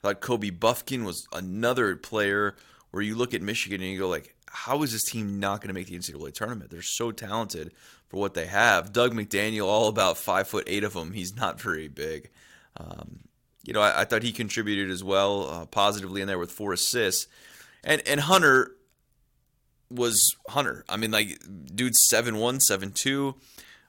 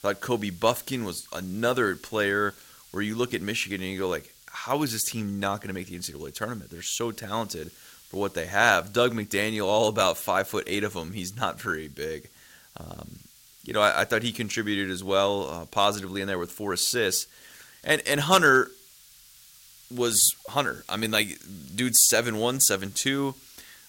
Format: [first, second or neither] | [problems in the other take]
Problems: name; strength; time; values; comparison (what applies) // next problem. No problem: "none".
first | hiss; faint; throughout; 25 dB below the speech